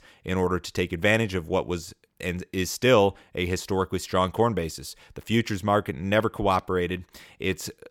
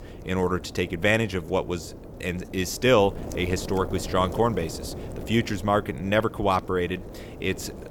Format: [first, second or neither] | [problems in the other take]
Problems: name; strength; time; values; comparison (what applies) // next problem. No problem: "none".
first | wind noise on the microphone; occasional gusts; 15 dB below the speech